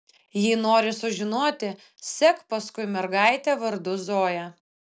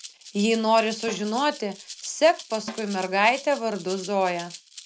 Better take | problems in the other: first | background sound (Rattle (instrument) + Snare drum); 17 dB below the speech

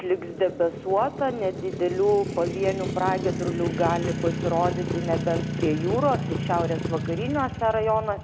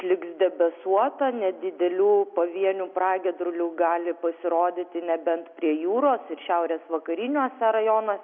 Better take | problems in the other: second | background sound (Motorcycle); 4 dB below the speech

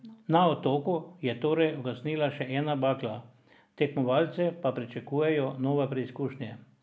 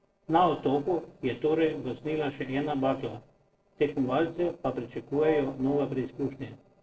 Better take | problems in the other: first | noise reduction (neural separator model SepFormer DNS4)

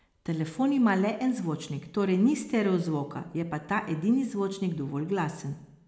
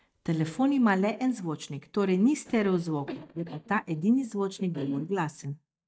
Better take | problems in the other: first | noise reduction (neural mask model DeepFilterNet 3)

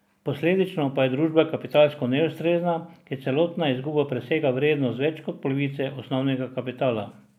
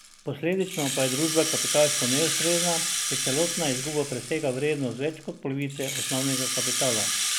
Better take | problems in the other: first | background sound (Rattle (instrument)); 1 dB below the speech

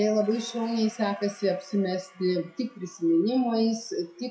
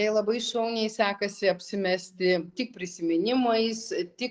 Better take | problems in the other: second | noise reduction (classical method WPE with log-MMSE)

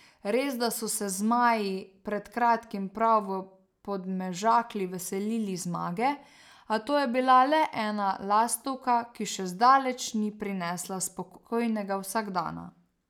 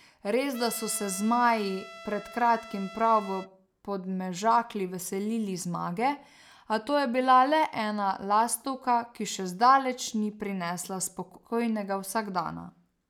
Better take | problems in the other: first | background sound (Trumpet); 17 dB below the speech

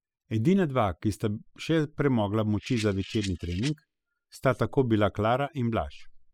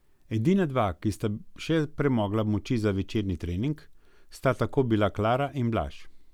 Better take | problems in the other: second | noise reduction (classical method spectral subtraction)

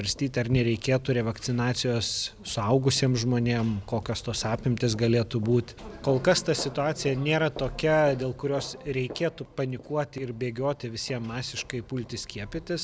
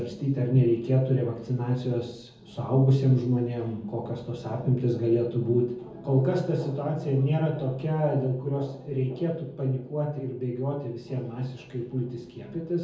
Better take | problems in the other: first | room echo; dies away in 0.7 s

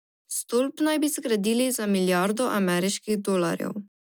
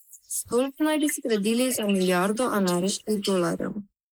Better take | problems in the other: first | noise reduction (neural mask model Resemble Enhance denoiser)

